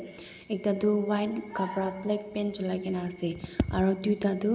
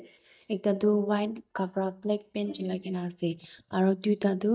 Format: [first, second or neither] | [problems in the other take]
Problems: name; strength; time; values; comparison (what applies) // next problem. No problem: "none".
first | noise reduction (neural mask model DeepFilterNet 3)